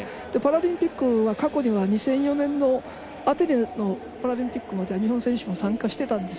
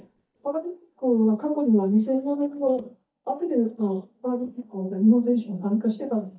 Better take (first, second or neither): first